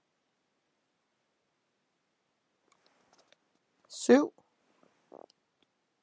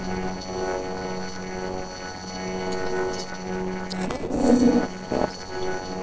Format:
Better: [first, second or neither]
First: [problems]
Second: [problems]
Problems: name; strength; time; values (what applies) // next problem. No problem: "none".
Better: first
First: none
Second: noise reduction (neural separator model SepFormer DNS4)